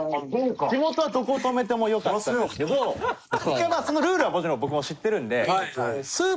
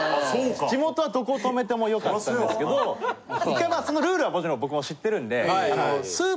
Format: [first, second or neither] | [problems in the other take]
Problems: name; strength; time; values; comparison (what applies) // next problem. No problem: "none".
second | noise reduction (neural mask model Resemble Enhance denoiser)